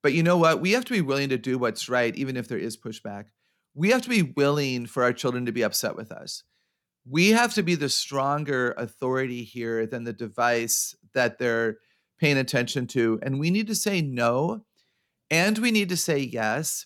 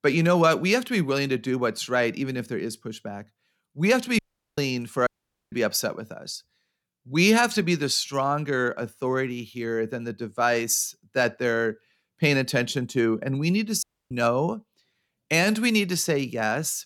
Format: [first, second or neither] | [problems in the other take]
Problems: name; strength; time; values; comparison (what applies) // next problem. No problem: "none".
first | audio cutting out; at 4 s, at 5 s and at 14 s